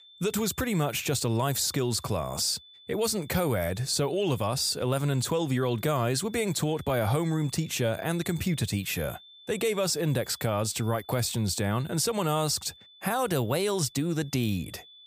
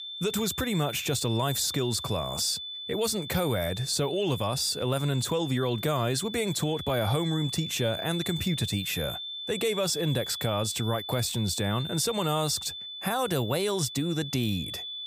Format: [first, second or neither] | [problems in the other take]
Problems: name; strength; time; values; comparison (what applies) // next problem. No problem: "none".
first | high-pitched whine; loud; throughout; 3.5 kHz, 7 dB below the speech; faint in the first